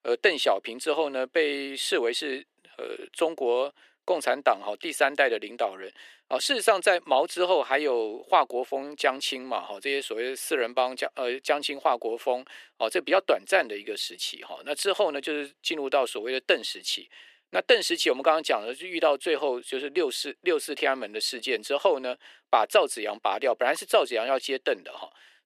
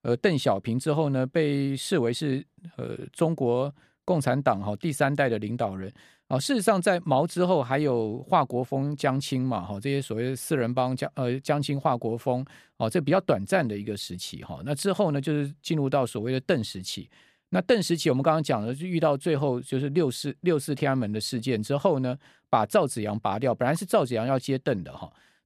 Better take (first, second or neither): second